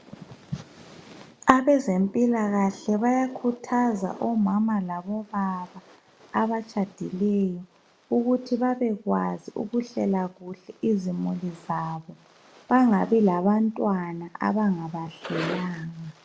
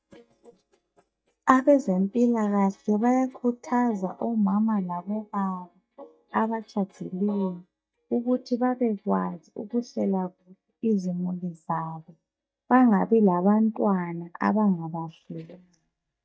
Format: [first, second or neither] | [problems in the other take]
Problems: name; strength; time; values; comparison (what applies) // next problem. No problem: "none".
first | noise reduction (neural mask model DeepFilterNet 3)